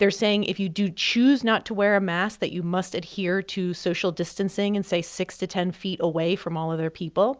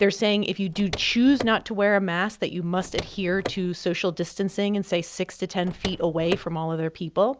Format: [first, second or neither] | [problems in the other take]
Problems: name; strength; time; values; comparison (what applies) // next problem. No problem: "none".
first | background sound (Car); 12 dB below the speech